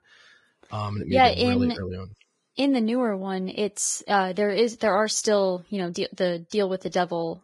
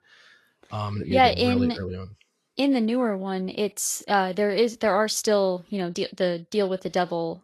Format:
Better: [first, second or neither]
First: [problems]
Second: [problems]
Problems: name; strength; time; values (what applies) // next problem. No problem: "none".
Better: second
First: garbled, watery; badly; nothing above 10.5 kHz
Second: garbled, watery; slightly; nothing above 12.5 kHz